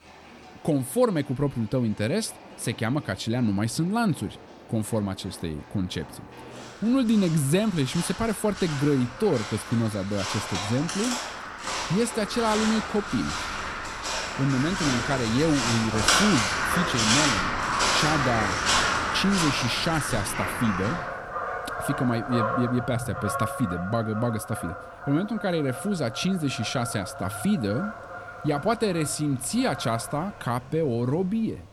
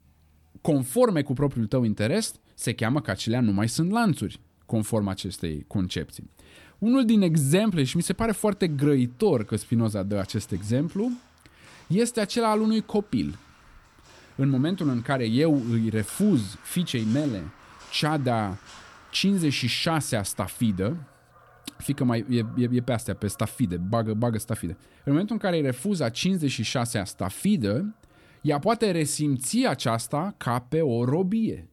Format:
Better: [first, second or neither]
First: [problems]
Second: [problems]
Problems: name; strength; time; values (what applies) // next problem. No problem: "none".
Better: second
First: animal sounds; loud; throughout; 2 dB below the speech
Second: animal sounds; faint; throughout; 25 dB below the speech